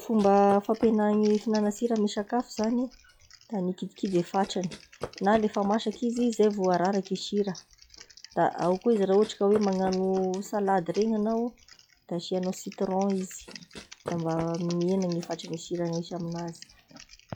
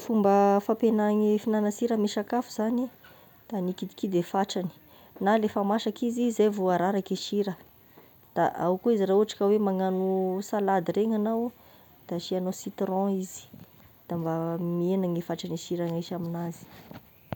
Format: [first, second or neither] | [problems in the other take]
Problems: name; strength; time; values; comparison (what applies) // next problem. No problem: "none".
second | noise reduction (classical method log-MMSE)